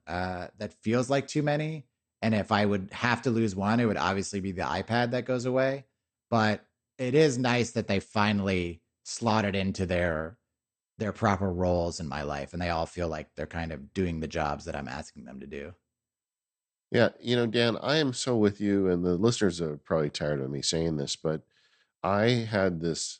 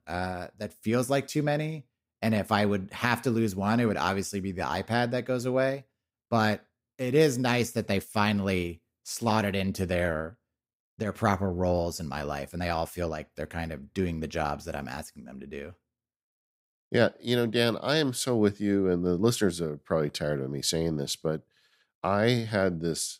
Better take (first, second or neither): second